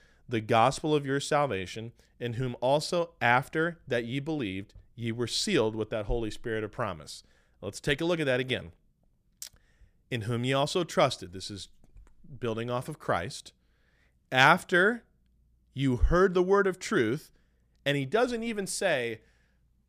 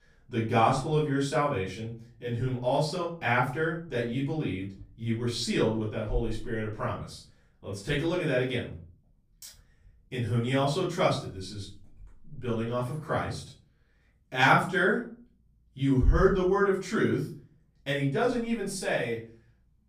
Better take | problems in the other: first | off-mic speech; far // room echo; slight; dies away in 0.4 s

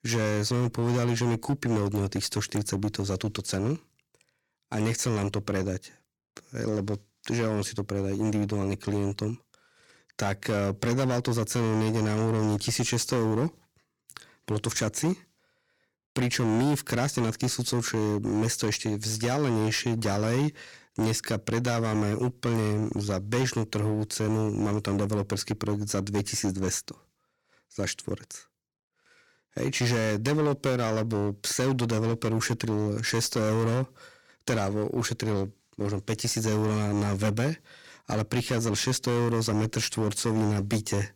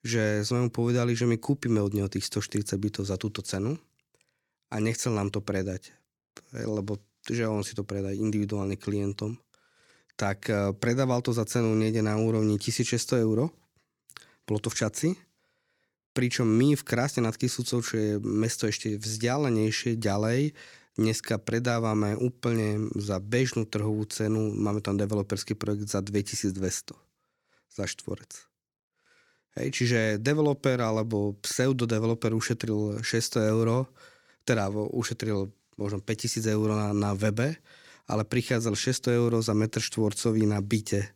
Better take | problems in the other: second | distortion; slight; 12% of the sound clipped

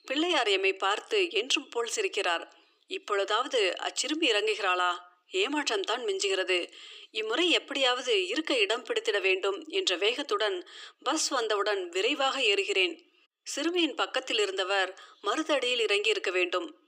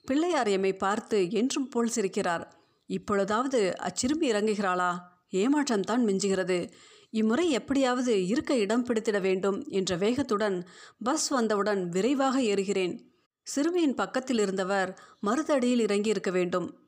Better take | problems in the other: second | thin; somewhat; fading below 300 Hz

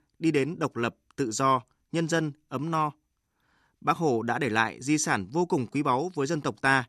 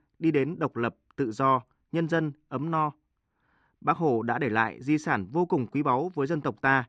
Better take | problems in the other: first | muffled; very; fading above 2.5 kHz

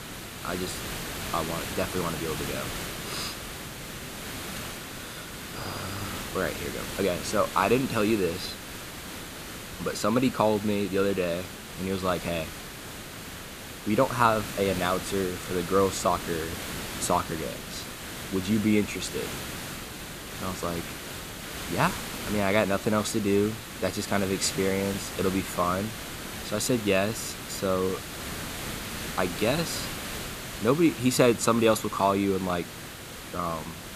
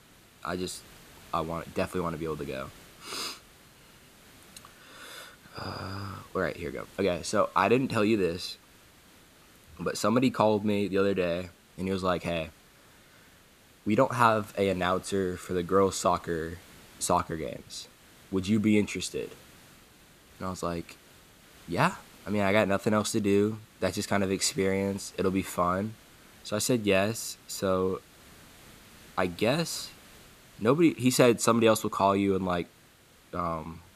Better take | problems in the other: second | hiss; loud; throughout; 8 dB below the speech; faint in the second

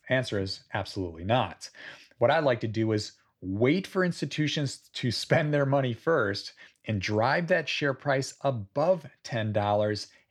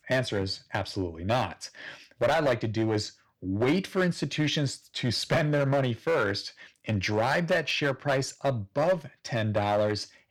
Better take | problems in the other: first | distortion; slight; 6% of the sound clipped

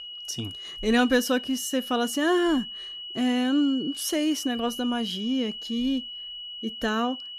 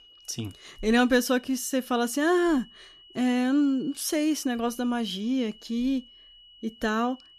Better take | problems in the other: second | high-pitched whine; loud; throughout; 3 kHz, 9 dB below the speech; faint in the second

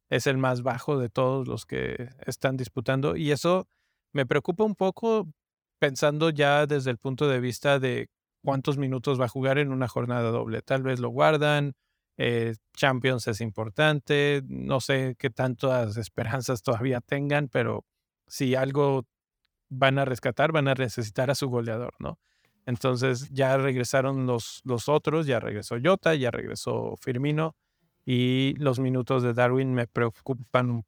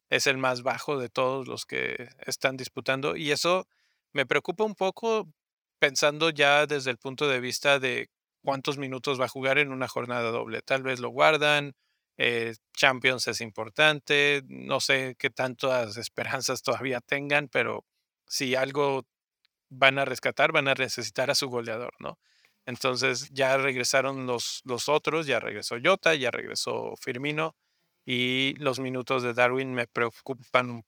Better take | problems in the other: first | thin; somewhat; fading below 600 Hz

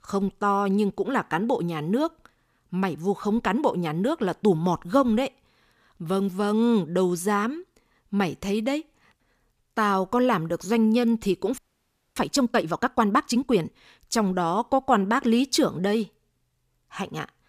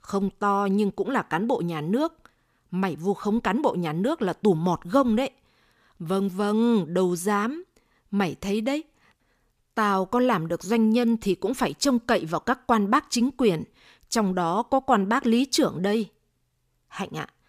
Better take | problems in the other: second | audio freezing; at 12 s for 0.5 s

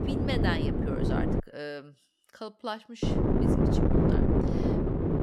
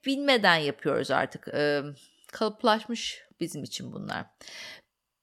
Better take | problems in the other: second | wind noise on the microphone; heavy; until 1.5 s and from 3 s on; 5 dB above the speech

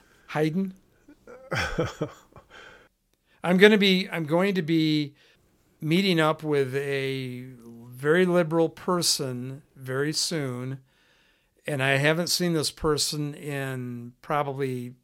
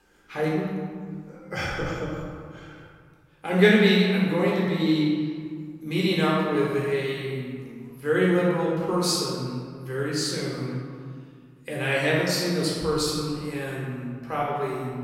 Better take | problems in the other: first | off-mic speech; far // room echo; noticeable; dies away in 1.8 s

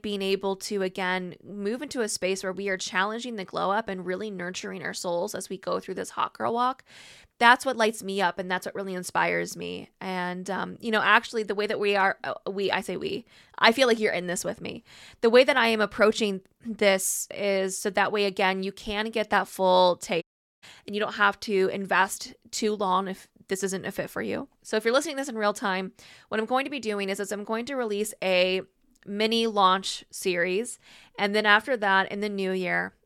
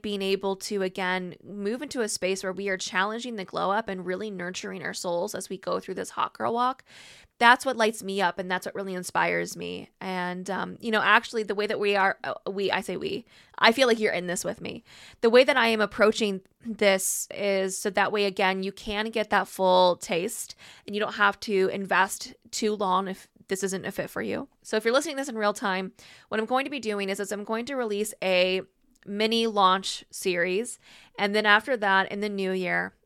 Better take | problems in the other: second | audio cutting out; at 20 s

